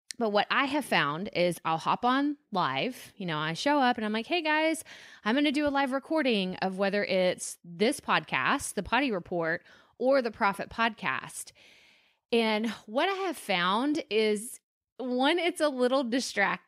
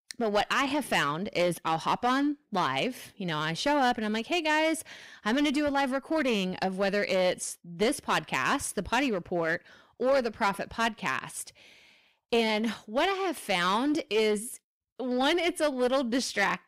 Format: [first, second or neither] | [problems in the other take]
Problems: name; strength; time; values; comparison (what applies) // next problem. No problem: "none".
first | distortion; slight; 7% of the sound clipped